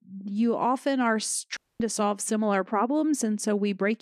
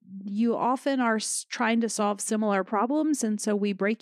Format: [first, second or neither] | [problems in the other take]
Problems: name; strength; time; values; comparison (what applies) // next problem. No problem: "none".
second | audio cutting out; at 1.5 s